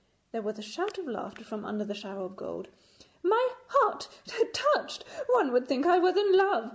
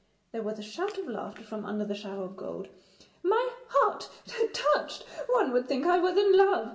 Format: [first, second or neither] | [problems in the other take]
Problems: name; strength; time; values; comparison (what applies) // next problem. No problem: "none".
first | room echo; dies away in 0.8 s